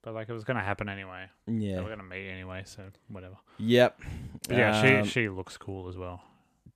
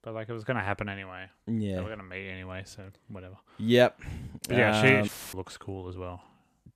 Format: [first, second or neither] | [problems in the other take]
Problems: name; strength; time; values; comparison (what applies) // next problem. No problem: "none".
first | audio cutting out; filled with static; at 5 s